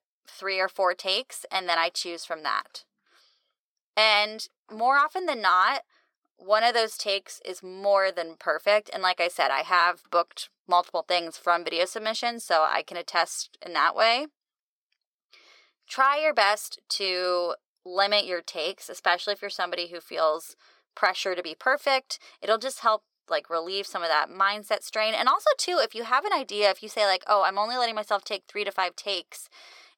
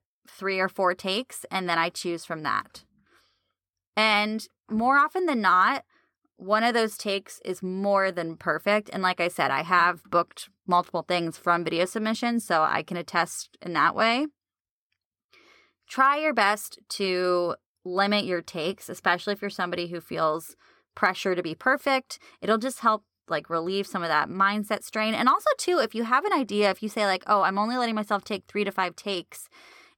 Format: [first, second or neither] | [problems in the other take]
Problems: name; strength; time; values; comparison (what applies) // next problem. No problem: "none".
second | thin; very; fading below 500 Hz